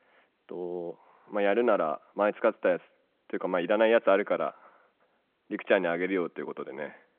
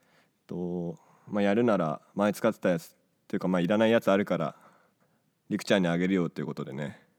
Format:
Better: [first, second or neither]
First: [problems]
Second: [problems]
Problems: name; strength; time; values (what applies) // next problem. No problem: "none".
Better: second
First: phone-call audio; nothing above 3.5 kHz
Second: none